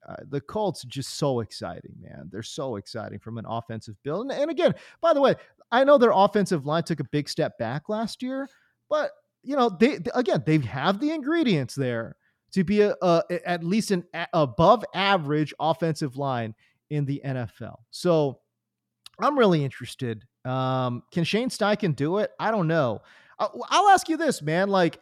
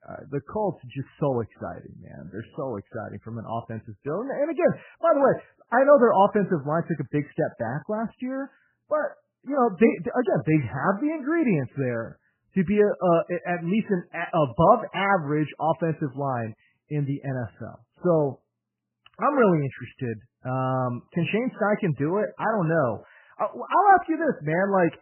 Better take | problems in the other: first | garbled, watery; badly; nothing above 3 kHz

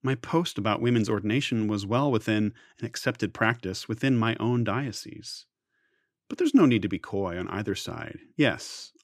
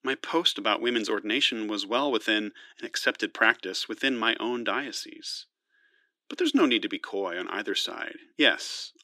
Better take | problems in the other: first | thin; somewhat; fading below 300 Hz

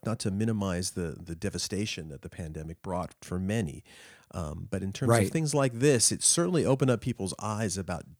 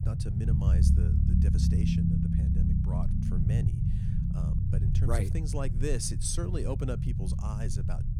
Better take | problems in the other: first | low rumble; loud; throughout; 1 dB below the speech

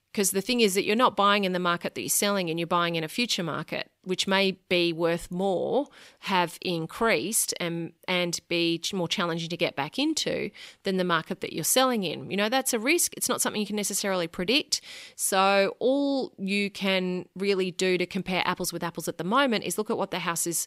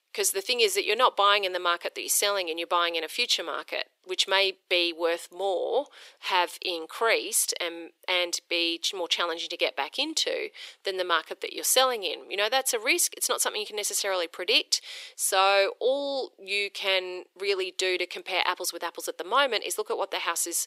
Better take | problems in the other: first | thin; very; fading below 400 Hz

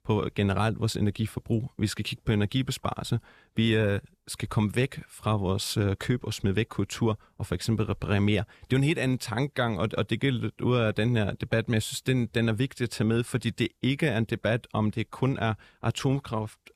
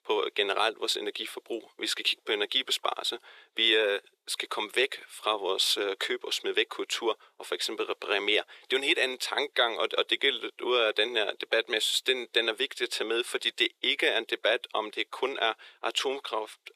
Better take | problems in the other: first | thin; very; fading below 350 Hz

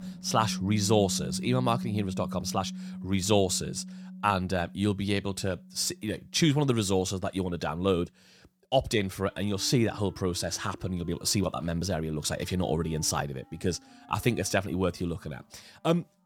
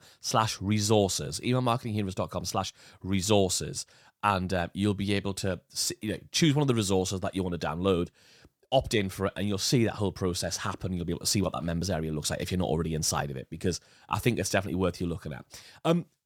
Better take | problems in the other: second | background music; noticeable; throughout; 10 dB below the speech

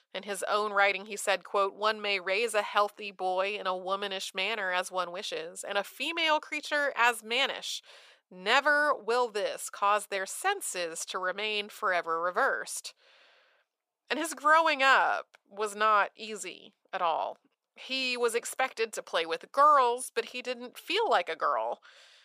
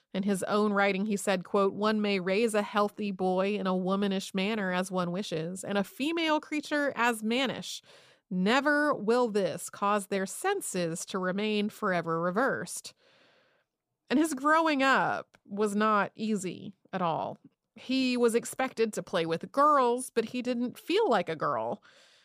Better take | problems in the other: second | thin; very; fading below 650 Hz

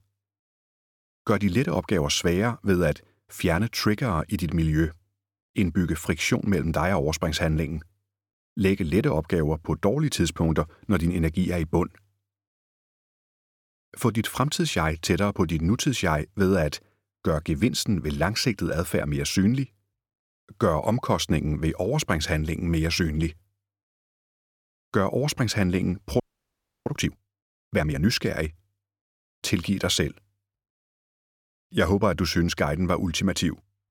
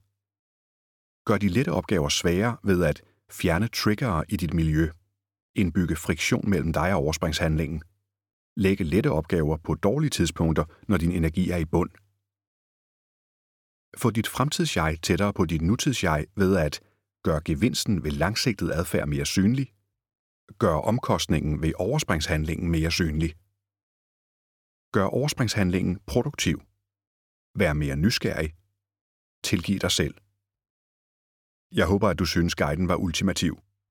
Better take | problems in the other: second | audio freezing; at 26 s for 0.5 s

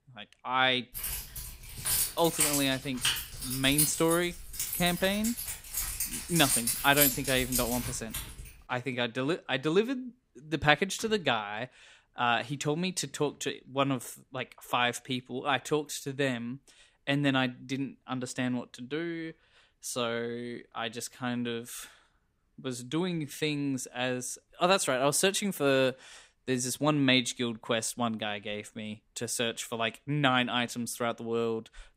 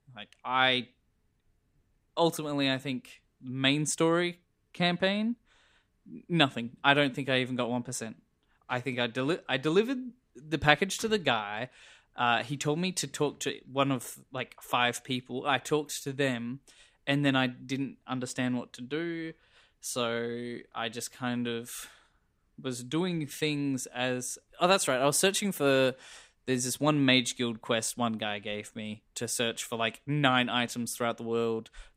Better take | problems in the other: second | jangling keys; loud; from 1 to 8.5 s; peak 5 dB above the speech

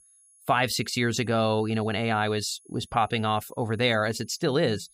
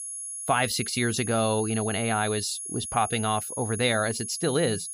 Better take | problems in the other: first | high-pitched whine; loud; throughout; 10.5 kHz, 6 dB below the speech; faint in the first

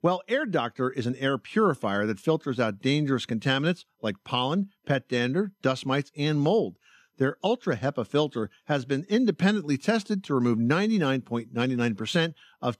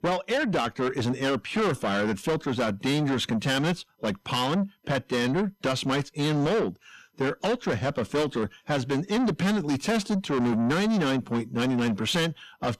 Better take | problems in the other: first | distortion; heavy; 6 dB below the speech

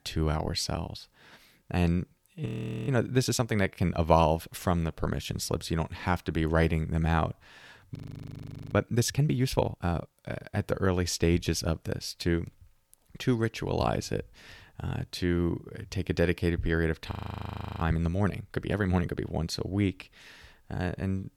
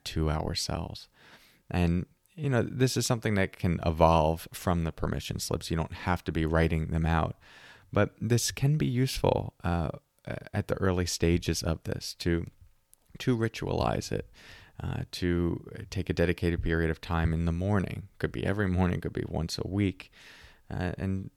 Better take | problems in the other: second | audio freezing; at 2.5 s, at 8 s for 1 s and at 17 s for 0.5 s

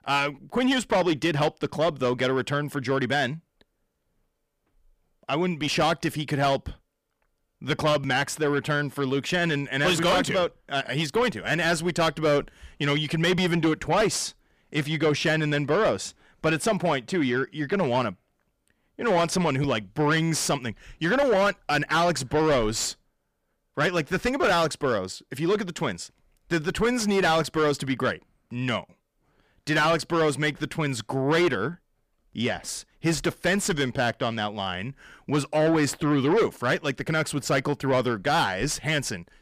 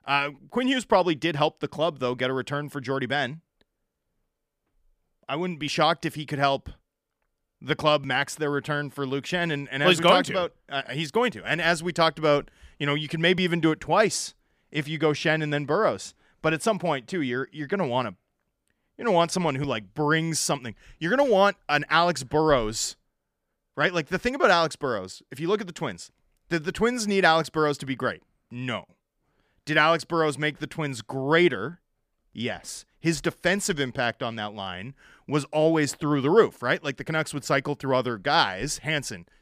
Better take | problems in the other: second | distortion; heavy; 7 dB below the speech

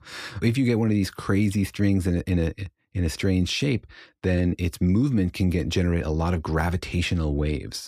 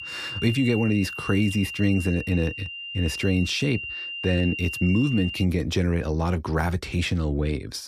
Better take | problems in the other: first | high-pitched whine; loud; until 5.5 s; 3 kHz, 7 dB below the speech

